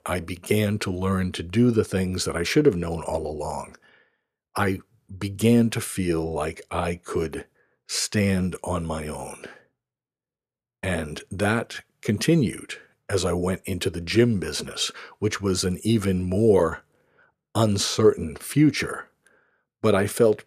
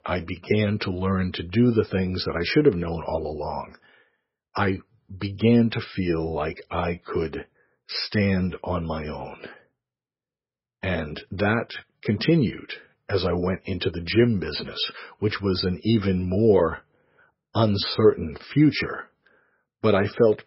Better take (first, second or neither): first